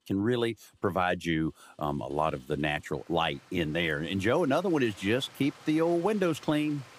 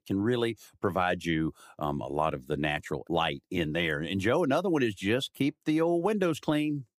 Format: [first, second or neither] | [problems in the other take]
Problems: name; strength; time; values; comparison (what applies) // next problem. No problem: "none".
second | rain or running water; faint; throughout; 25 dB below the speech